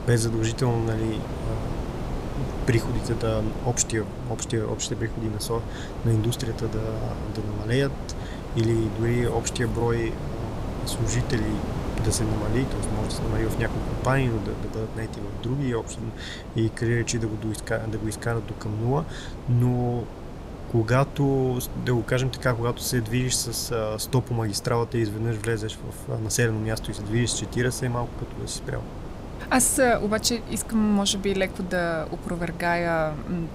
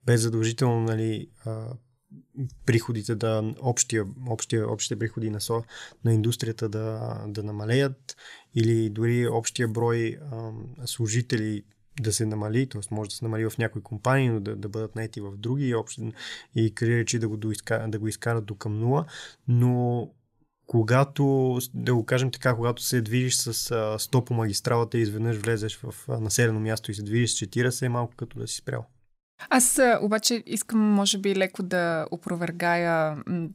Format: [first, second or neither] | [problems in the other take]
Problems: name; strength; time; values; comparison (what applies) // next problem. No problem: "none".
second | wind noise on the microphone; heavy; 10 dB below the speech